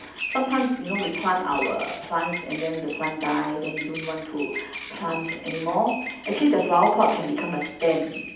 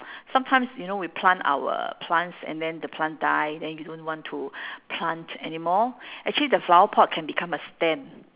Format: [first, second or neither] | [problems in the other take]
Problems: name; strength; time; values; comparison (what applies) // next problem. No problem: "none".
second | background sound (Bird vocalization, bird call, bird song); 10 dB below the speech // room echo; dies away in 0.8 s